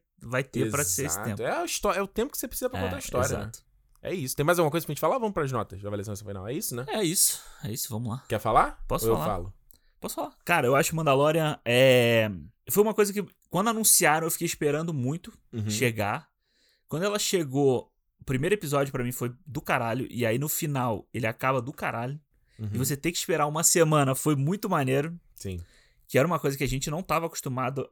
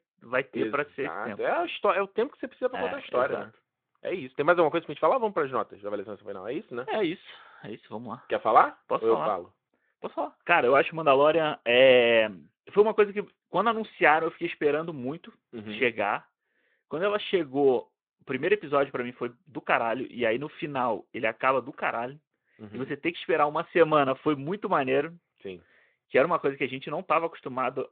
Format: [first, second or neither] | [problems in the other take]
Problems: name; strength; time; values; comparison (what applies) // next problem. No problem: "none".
first | phone-call audio